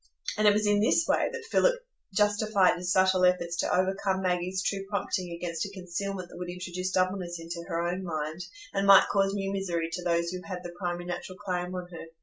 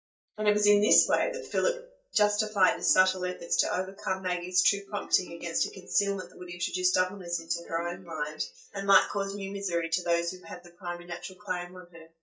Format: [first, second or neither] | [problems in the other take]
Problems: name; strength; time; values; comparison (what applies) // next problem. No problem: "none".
first | noise reduction (neural mask model DeepFilterNet 3)